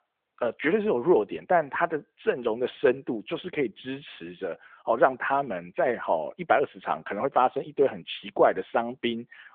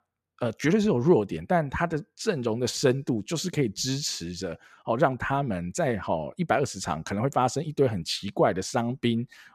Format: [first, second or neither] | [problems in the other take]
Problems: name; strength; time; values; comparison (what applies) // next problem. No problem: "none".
second | phone-call audio; nothing above 3.5 kHz